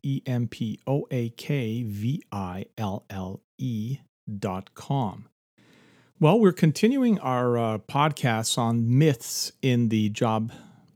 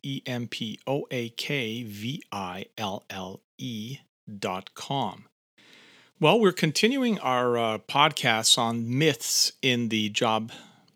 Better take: first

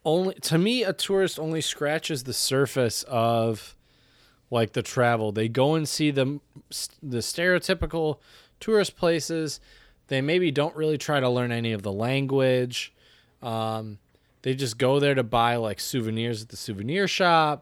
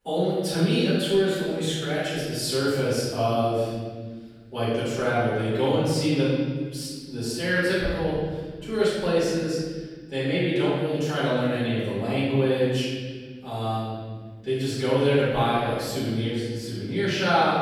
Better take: first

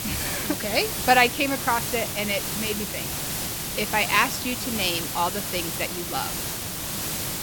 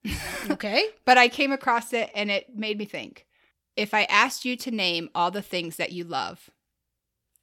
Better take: second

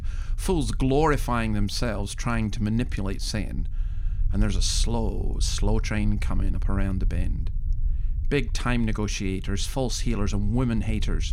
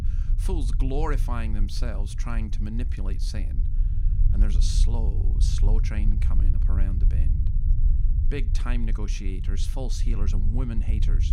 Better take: first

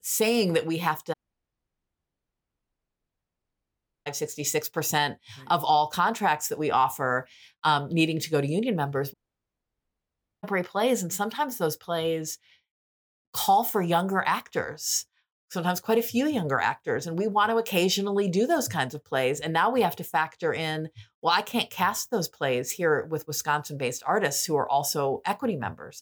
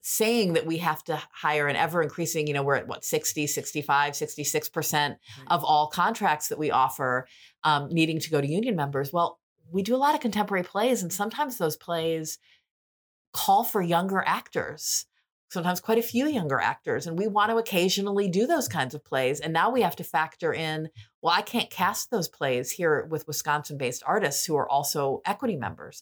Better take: second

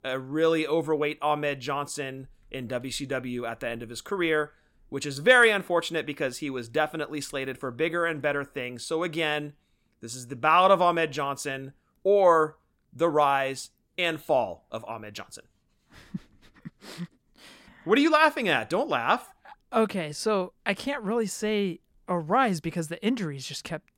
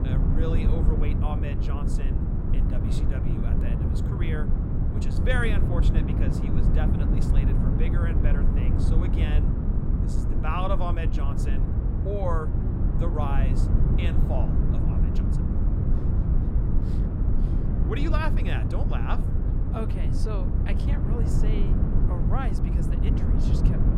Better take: first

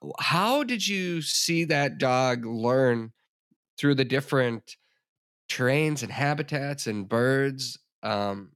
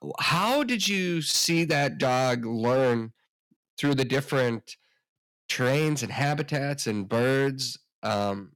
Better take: first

